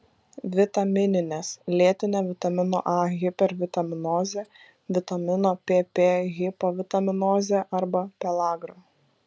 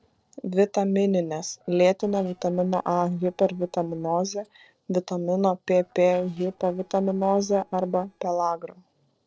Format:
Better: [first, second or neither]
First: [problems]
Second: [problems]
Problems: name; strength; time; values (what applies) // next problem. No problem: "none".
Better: first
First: none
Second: noise reduction (neural separator model SepFormer DNS4)